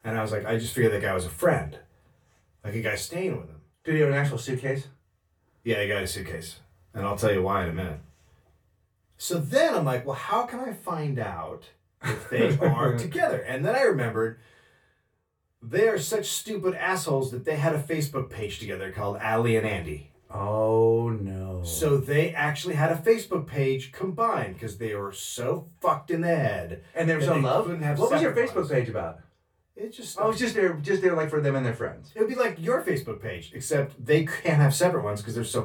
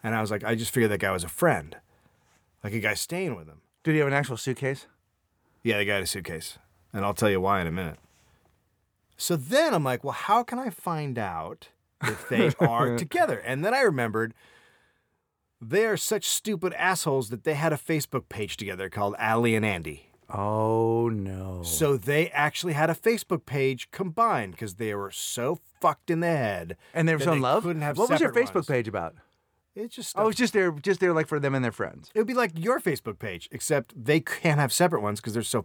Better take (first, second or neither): second